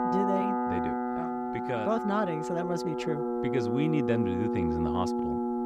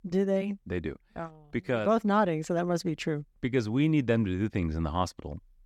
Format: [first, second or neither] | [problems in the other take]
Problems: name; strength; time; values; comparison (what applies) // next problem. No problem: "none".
second | background music; very loud; throughout; 1 dB above the speech